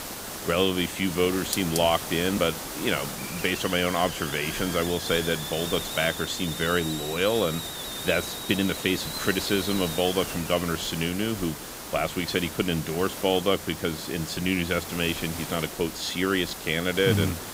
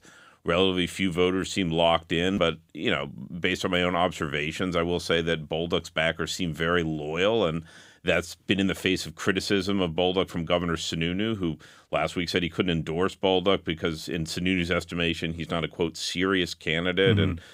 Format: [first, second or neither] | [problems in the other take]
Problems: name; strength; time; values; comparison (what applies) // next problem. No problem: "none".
second | hiss; loud; throughout; 6 dB below the speech